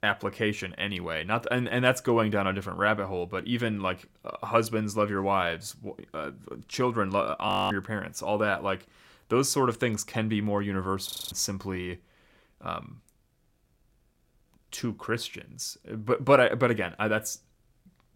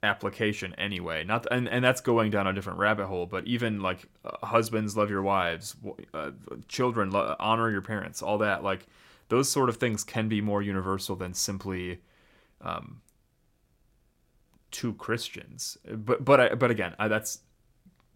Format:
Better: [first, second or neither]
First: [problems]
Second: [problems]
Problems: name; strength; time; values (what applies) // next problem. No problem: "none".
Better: second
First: audio freezing; at 7.5 s and at 11 s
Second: none